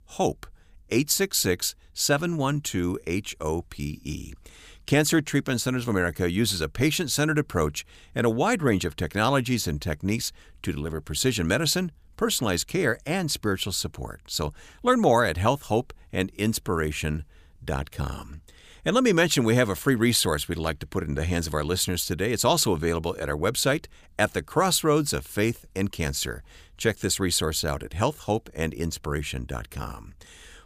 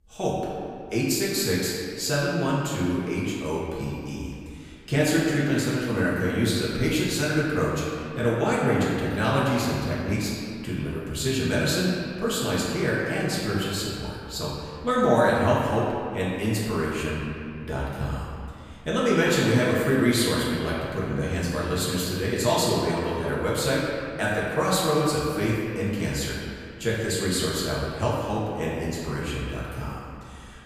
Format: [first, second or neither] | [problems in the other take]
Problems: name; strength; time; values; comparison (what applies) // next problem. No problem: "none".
first | room echo; strong; dies away in 2.2 s // off-mic speech; far